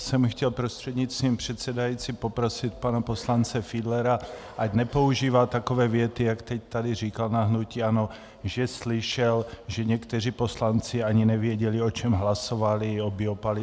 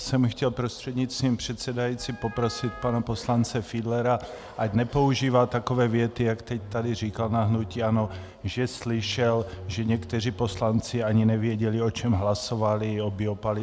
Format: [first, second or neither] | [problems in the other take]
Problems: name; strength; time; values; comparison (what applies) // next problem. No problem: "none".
first | background sound (Bowed string instrument + Wind instrument, woodwind instrument); 15 dB below the speech